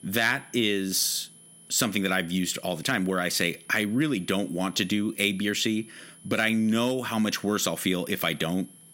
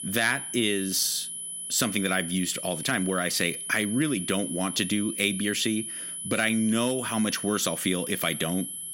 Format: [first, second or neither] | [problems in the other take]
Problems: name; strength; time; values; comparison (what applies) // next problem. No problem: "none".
first | high-pitched whine; loud; throughout; 10 kHz, 6 dB below the speech; faint in the first